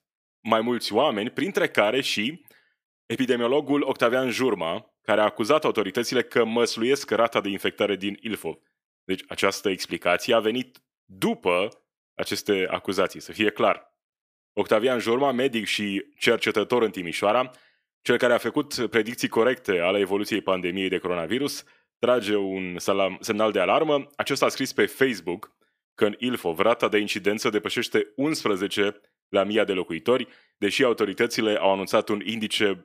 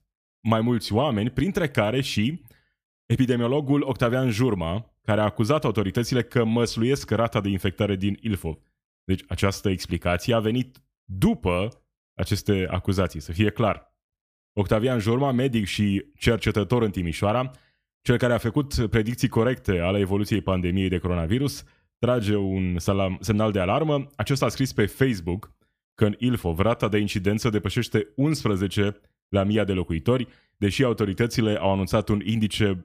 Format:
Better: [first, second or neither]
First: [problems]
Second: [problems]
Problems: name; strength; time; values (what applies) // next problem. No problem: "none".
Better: second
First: thin; somewhat; fading below 350 Hz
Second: none